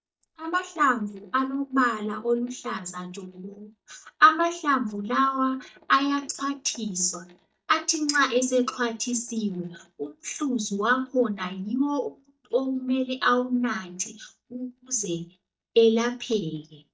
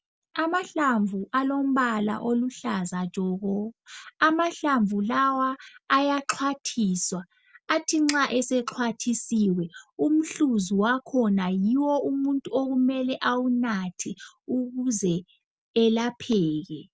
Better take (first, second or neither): second